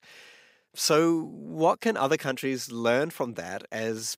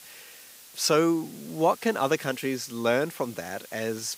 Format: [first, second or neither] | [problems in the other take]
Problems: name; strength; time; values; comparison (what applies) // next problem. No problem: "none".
first | hiss; noticeable; throughout; 20 dB below the speech